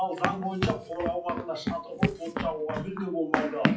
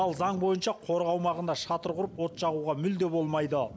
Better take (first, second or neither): second